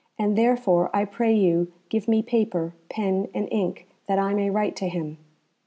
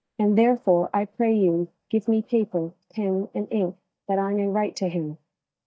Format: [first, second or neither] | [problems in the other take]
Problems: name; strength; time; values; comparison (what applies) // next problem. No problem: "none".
first | noise reduction (neural mask model DeepFilterNet 3)